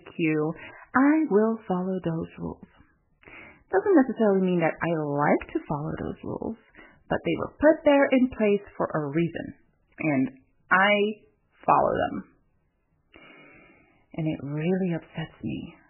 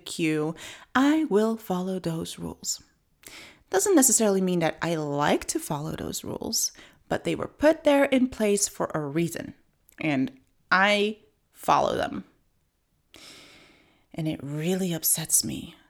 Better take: second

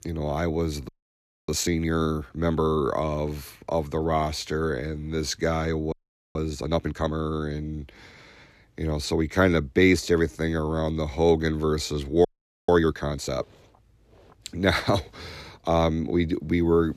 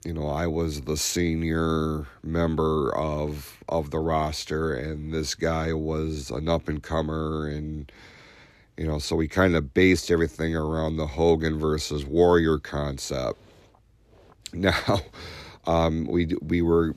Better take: second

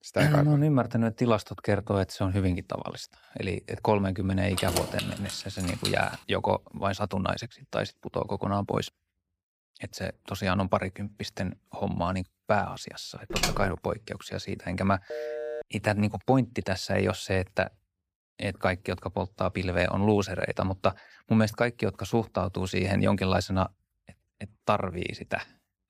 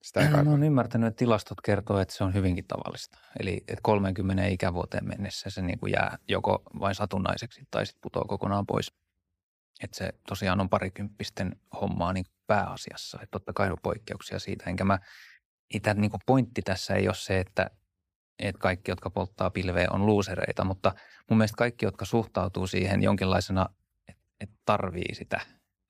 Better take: second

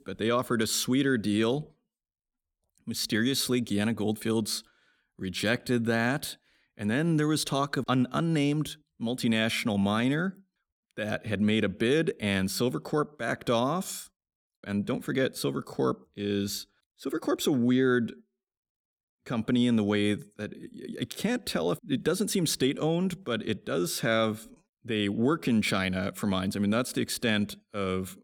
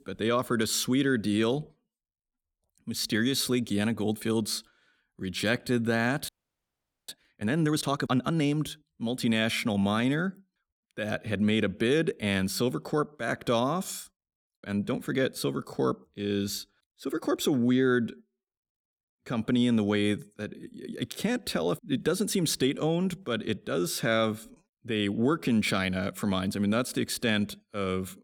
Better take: first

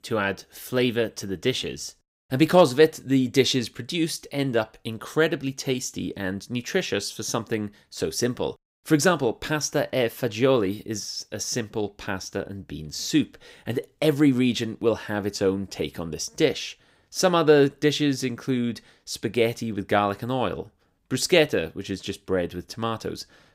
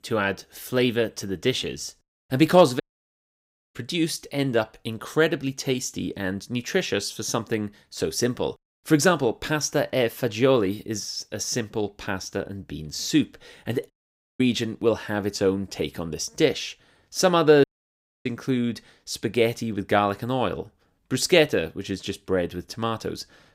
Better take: first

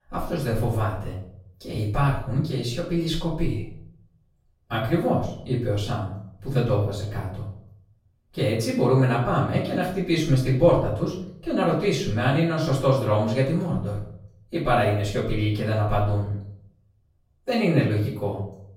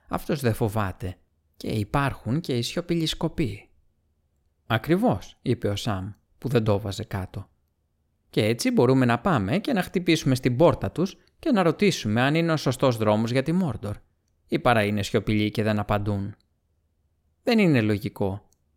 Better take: second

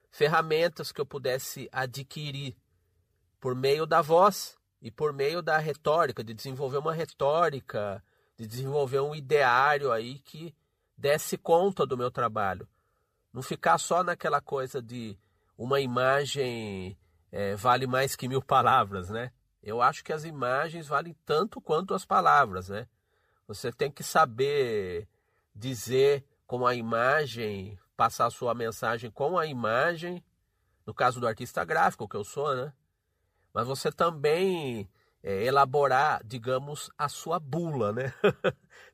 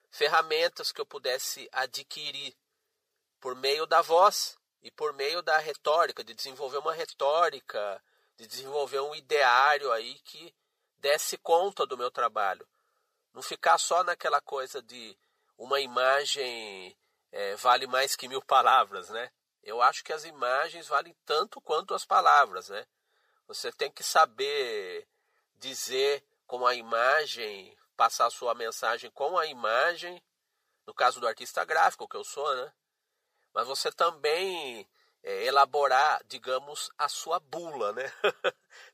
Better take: first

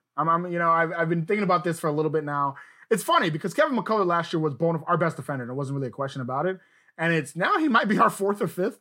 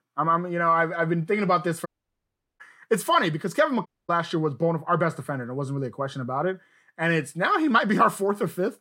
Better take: first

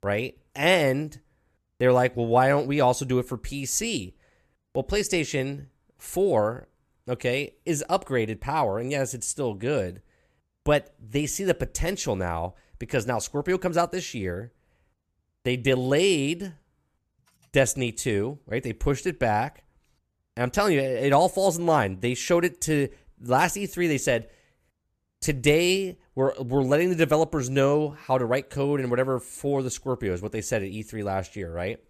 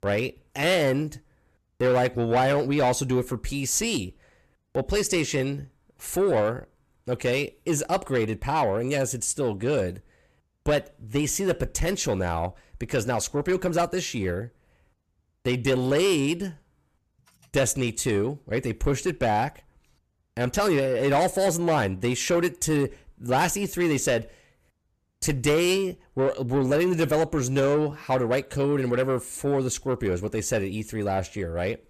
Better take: first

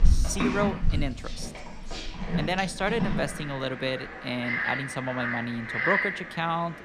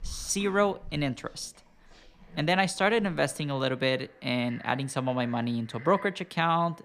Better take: second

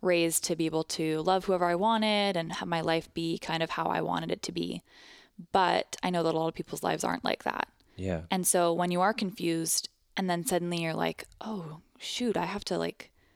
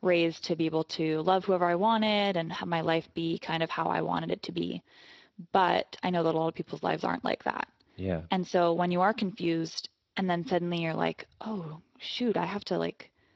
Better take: first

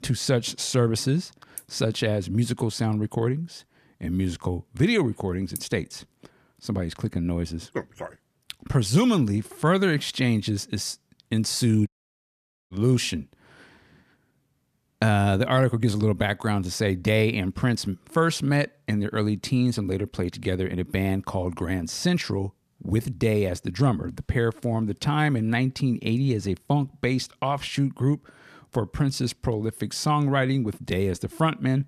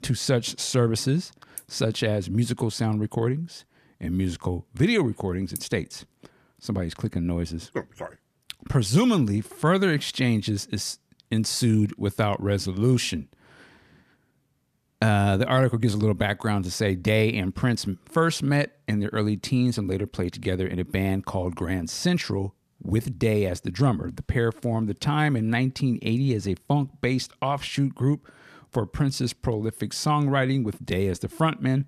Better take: second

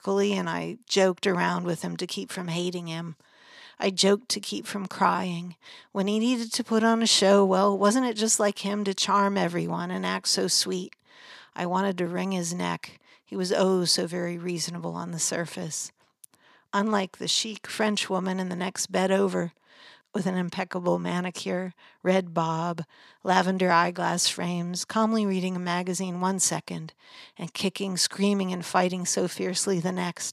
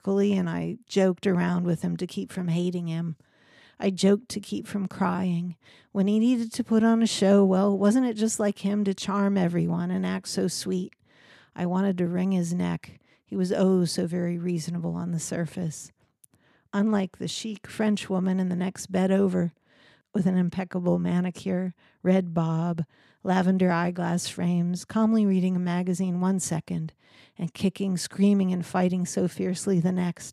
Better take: second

